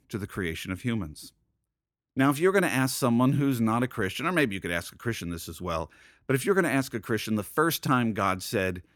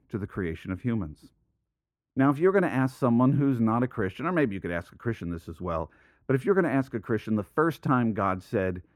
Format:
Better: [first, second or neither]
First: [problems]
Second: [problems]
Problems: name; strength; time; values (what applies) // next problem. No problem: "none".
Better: first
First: none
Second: muffled; very; fading above 2.5 kHz